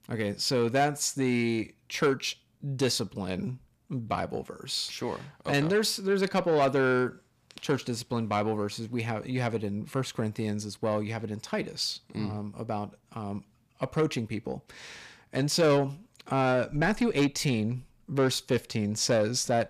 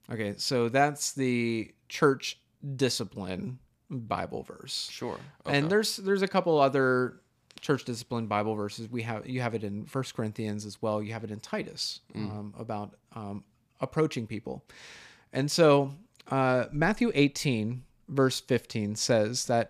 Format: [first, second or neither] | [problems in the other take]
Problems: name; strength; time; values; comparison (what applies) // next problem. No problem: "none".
second | distortion; slight; 10 dB below the speech